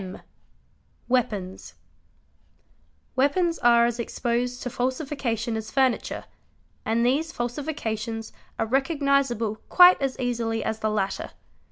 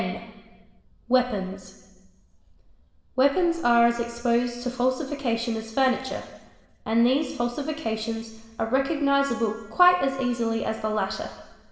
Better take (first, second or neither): first